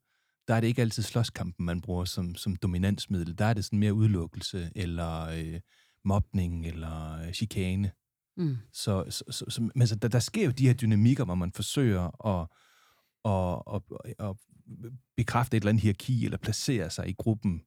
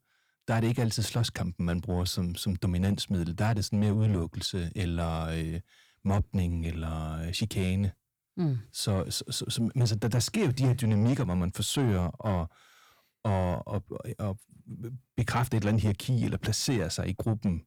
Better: first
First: none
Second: distortion; slight; 10 dB below the speech

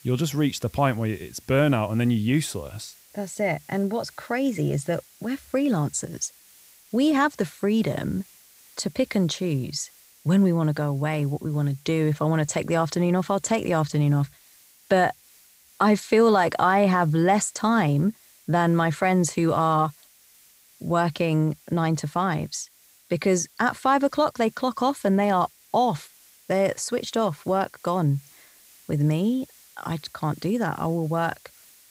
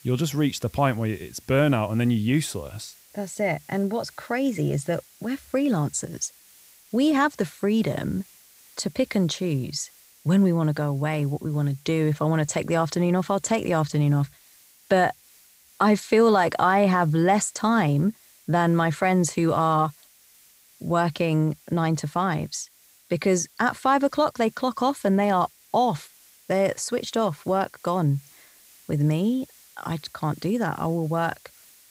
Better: neither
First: hiss; faint; throughout; 25 dB below the speech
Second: hiss; faint; throughout; 25 dB below the speech

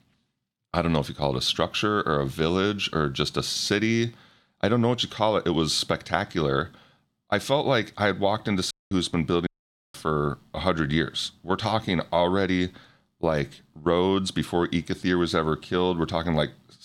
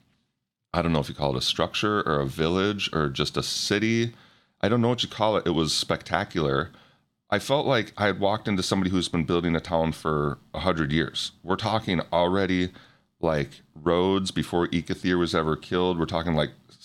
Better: second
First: audio cutting out; at 8.5 s and at 9.5 s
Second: none

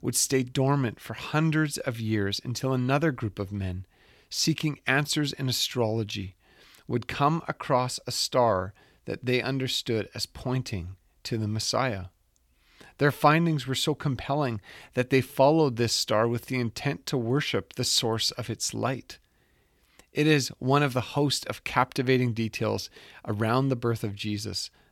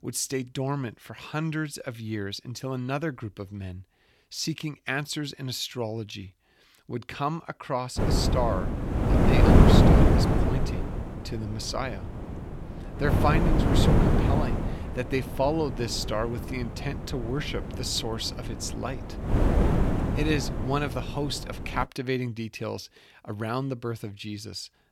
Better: first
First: none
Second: wind noise on the microphone; heavy; from 8 to 22 s; 3 dB above the speech

